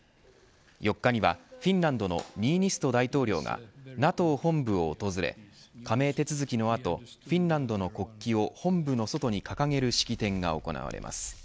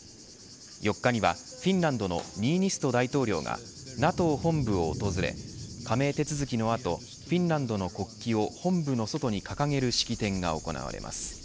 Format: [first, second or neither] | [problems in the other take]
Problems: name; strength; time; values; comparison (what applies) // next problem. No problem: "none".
first | background sound (Thunder / Cricket); 14 dB below the speech